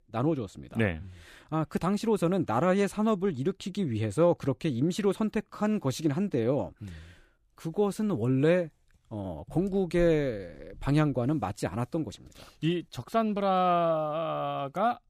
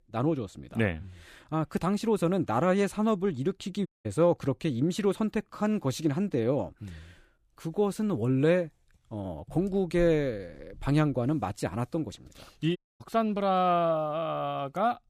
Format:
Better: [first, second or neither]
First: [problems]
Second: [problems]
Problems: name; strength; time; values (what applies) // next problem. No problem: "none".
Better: first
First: none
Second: audio cutting out; at 4 s and at 13 s